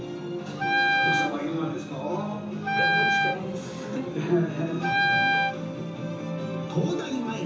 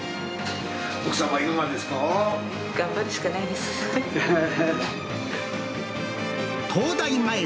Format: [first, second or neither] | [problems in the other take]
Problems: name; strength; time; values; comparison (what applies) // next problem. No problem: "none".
second | background sound (Wind instrument, woodwind instrument); 4 dB above the speech // room echo; dies away in 0.7 s